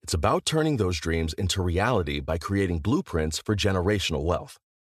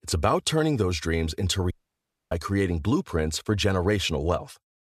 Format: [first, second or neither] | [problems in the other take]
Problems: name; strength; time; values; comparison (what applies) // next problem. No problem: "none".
first | audio cutting out; at 1.5 s for 0.5 s